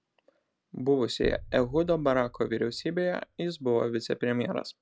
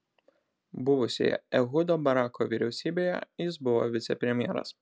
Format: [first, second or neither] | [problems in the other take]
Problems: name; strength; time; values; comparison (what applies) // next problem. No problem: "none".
second | background sound (Boom); 18 dB below the speech